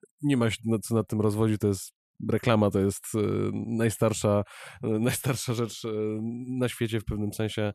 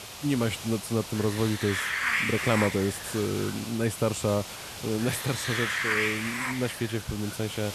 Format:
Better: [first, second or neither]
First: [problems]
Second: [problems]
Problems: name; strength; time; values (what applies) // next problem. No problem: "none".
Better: first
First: none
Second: hiss; loud; throughout; 2 dB below the speech